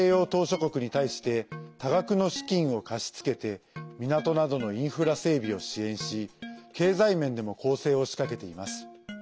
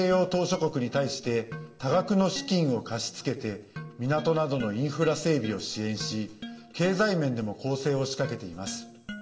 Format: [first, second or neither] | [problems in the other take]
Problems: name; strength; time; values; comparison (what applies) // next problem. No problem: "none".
first | room echo; dies away in 1.6 s